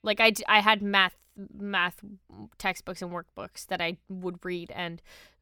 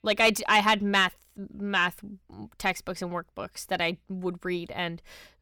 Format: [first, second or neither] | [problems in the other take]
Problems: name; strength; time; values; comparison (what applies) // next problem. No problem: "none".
first | distortion; slight; 10 dB below the speech